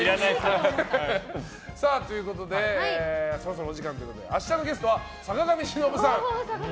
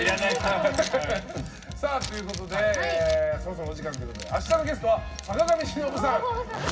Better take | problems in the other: first | background sound (Zipper (clothing)); 14 dB below the speech // room echo; dies away in 0.4 s

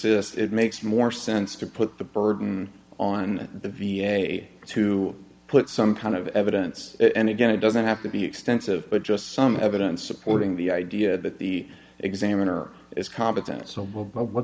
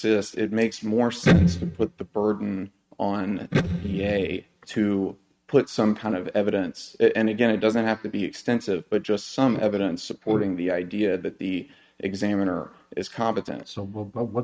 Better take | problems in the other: first | noise reduction (neural mask model RNNoise)

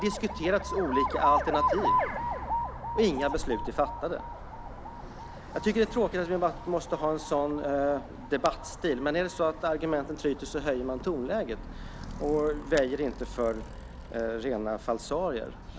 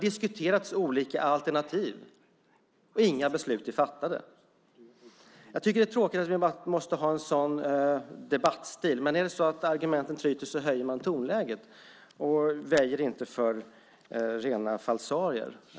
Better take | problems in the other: second | background sound (Alarm); 5 dB below the speech

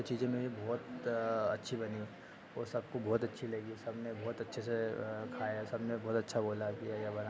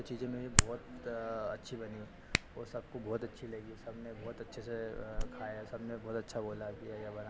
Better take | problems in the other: first | background sound (Hands); 2 dB above the speech

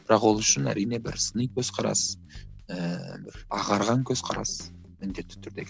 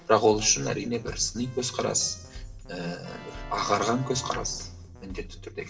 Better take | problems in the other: first | background sound (Keyboard (musical)); 19 dB below the speech // room echo; dies away in 0.8 s

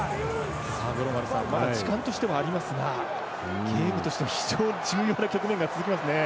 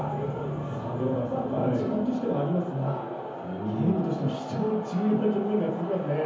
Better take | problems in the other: first | room echo; dies away in 0.7 s

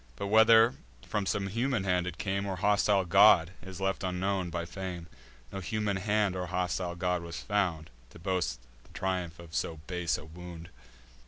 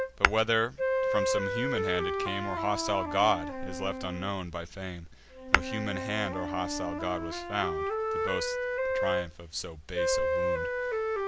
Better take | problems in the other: first | background sound (Tap / Hammer + Wind instrument, woodwind instrument); 2 dB above the speech

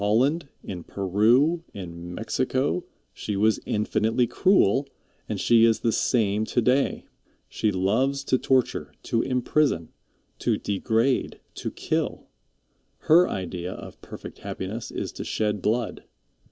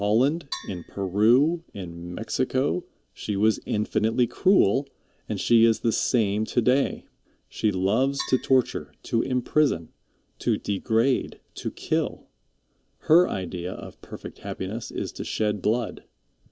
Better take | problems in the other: first | background sound (Percussion); 17 dB below the speech

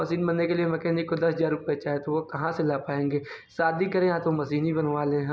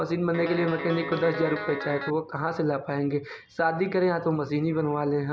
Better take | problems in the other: first | background sound (Guitar); 8 dB below the speech

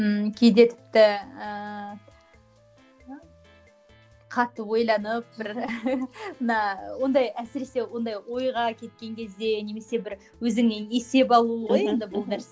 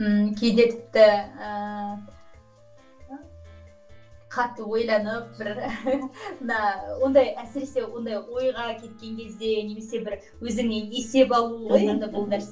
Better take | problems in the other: first | room echo; dies away in 0.3 s

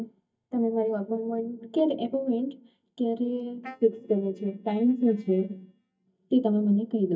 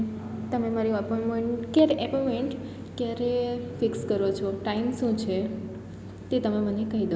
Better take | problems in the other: second | noise reduction (neural mask model DeepFilterNet 3)

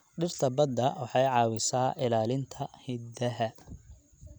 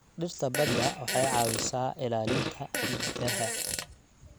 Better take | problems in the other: first | background sound (Fart + Fart); 1 dB below the speech

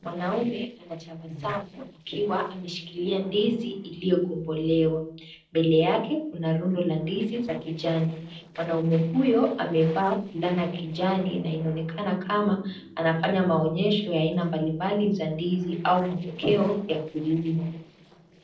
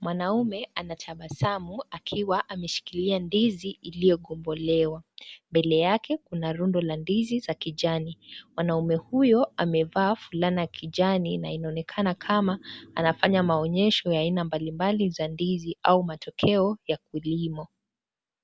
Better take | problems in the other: second | noise reduction (neural separator model SepFormer DNS4)

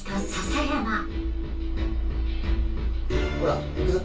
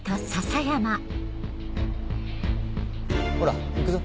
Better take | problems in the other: second | room echo; dies away in 0.2 s

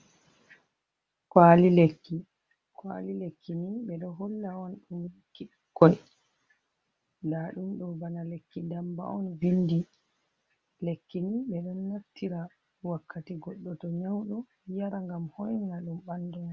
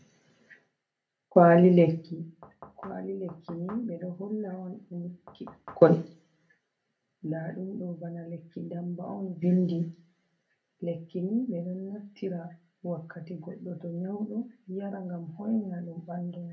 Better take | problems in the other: first | background sound (Knock / Wood); 19 dB below the speech // room echo; dies away in 0.3 s

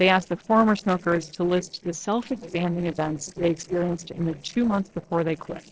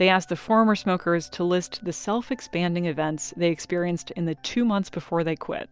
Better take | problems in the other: second | noise reduction (neural separator model SepFormer DNS4)

